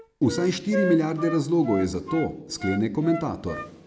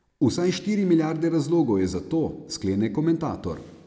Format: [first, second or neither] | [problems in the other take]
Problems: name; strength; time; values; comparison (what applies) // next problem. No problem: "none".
second | background sound (Wind instrument, woodwind instrument); 9 dB below the speech